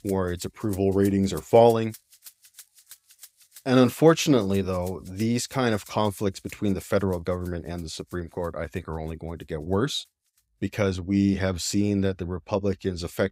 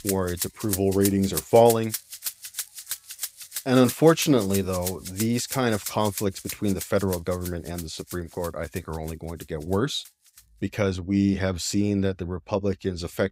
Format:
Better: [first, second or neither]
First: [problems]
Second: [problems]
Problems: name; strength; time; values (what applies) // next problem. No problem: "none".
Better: first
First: background music; faint; throughout; 25 dB below the speech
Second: background music; loud; throughout; 9 dB below the speech